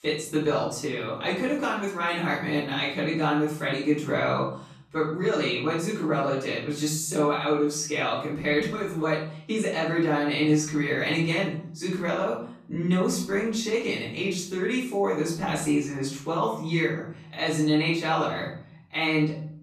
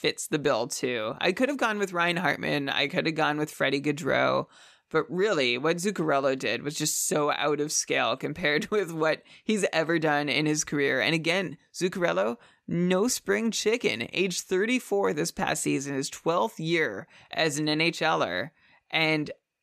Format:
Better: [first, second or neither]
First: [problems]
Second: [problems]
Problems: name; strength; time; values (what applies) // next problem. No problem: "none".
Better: second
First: off-mic speech; far // room echo; noticeable; dies away in 0.8 s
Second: none